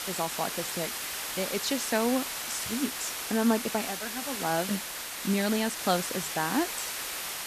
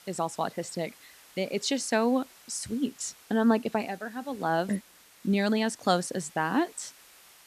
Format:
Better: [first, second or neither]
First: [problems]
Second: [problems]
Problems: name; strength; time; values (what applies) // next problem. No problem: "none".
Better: second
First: hiss; loud; throughout; 2 dB below the speech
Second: hiss; faint; throughout; 25 dB below the speech